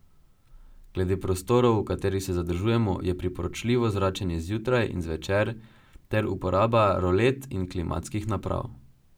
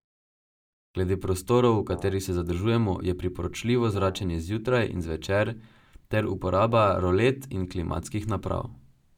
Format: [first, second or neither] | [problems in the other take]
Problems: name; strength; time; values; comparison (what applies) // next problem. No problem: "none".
first | noise reduction (neural mask model DeepFilterNet 3)